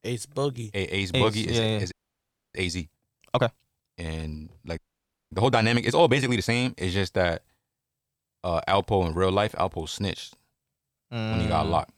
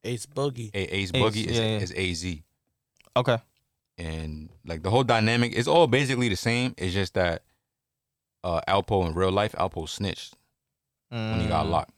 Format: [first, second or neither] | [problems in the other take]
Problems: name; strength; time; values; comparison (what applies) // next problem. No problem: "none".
second | audio freezing; at 2 s for 0.5 s and at 5 s for 0.5 s